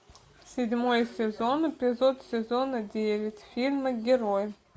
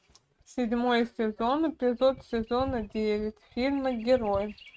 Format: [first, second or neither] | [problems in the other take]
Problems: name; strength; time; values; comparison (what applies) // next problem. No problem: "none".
first | noise reduction (neural mask model RNNoise)